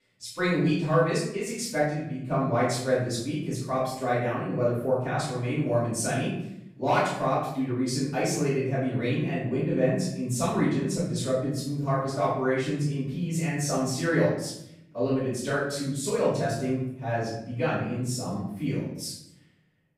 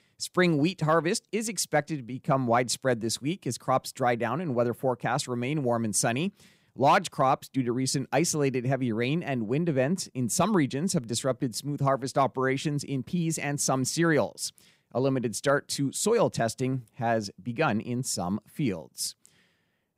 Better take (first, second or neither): second